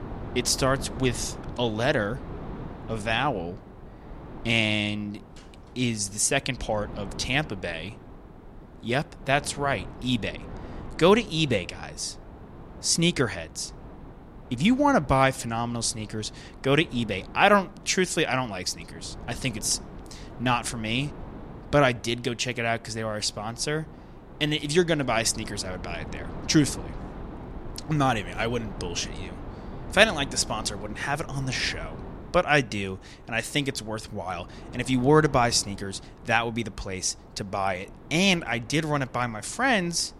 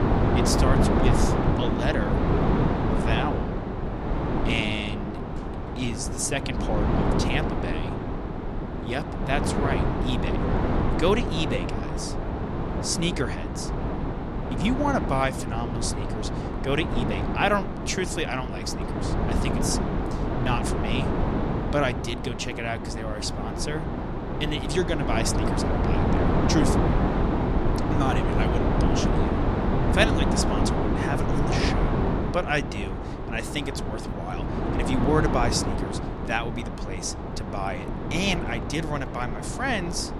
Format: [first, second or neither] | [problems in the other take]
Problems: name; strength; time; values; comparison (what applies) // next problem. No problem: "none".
first | wind noise on the microphone; heavy; 1 dB below the speech; occasional gusts in the first